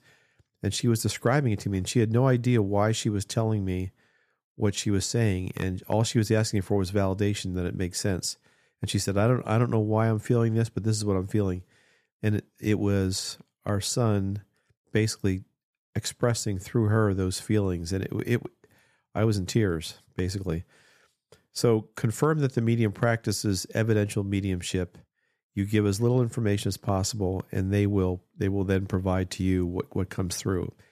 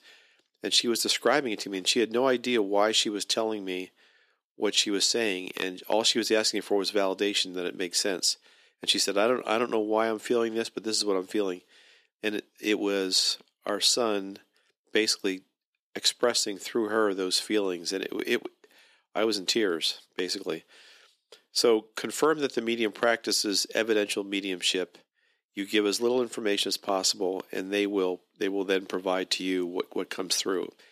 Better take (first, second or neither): first